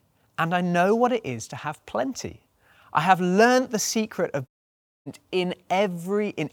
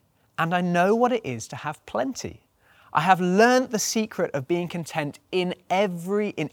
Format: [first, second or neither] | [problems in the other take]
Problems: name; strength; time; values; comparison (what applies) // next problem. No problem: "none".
second | audio cutting out; at 4.5 s for 0.5 s